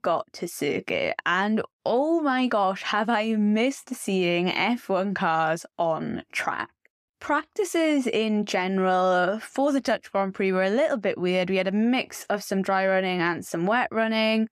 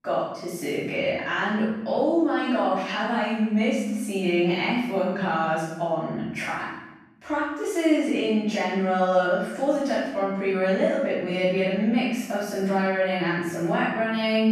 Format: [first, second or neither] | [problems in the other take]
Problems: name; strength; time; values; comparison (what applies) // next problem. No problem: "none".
first | off-mic speech; far // room echo; strong; dies away in 0.9 s